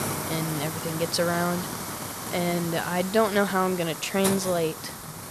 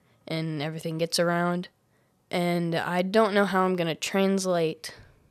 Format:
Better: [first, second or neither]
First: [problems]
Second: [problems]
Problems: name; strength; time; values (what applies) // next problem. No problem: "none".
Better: second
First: hiss; loud; throughout; 6 dB below the speech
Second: none